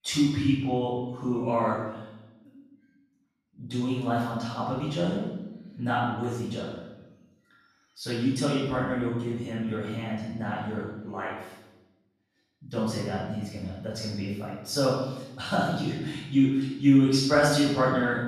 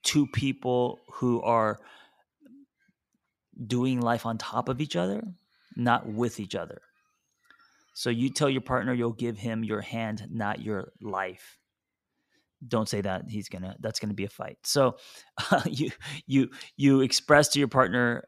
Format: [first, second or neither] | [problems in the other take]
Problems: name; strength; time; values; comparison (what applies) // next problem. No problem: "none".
second | off-mic speech; far // room echo; strong; dies away in 0.9 s